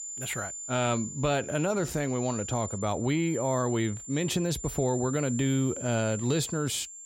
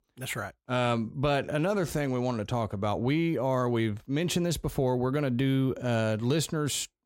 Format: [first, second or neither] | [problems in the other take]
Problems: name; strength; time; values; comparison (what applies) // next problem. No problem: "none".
second | high-pitched whine; loud; throughout; 7.5 kHz, 9 dB below the speech